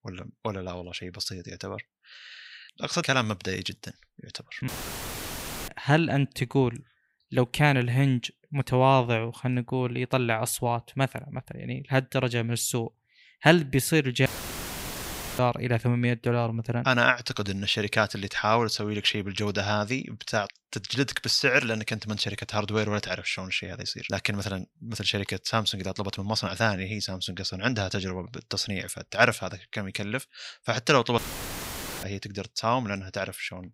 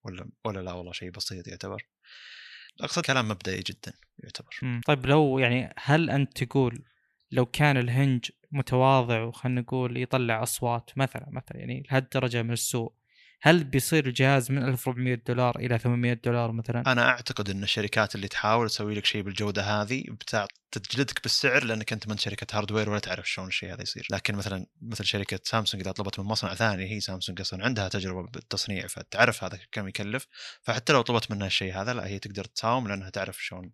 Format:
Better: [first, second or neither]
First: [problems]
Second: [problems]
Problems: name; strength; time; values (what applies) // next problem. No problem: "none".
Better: second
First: audio cutting out; filled with static; at 4.5 s for 1 s, at 14 s for 1 s and at 31 s for 1 s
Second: none